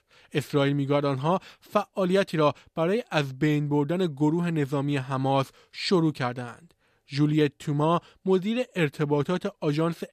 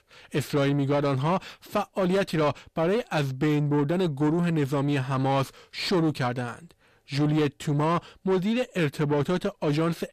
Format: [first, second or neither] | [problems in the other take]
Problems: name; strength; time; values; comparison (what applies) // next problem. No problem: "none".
first | distortion; slight; 10 dB below the speech